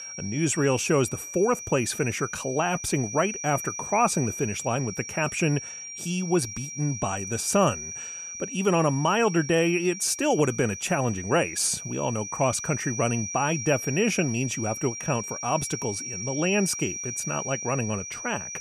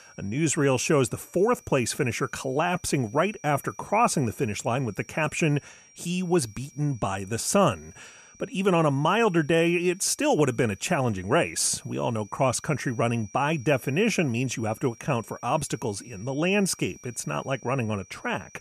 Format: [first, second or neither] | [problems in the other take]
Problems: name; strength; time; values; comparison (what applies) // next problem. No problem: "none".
second | high-pitched whine; loud; throughout; 6 kHz, 8 dB below the speech; faint in the second